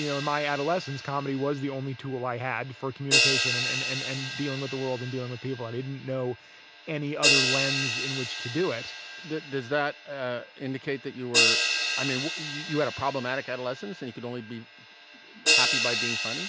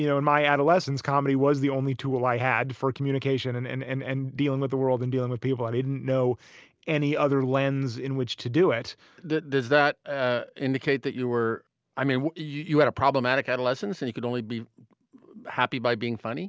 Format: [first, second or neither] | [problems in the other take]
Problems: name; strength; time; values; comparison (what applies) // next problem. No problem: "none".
second | background sound (Crash cymbal); 2 dB above the speech